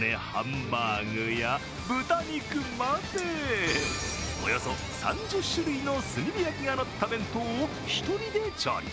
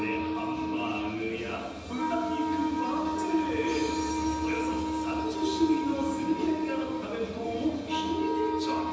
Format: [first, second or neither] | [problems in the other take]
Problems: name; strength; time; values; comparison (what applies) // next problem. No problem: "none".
first | background sound (Wind instrument, woodwind instrument); as loud as the speech // room echo; dies away in 1.1 s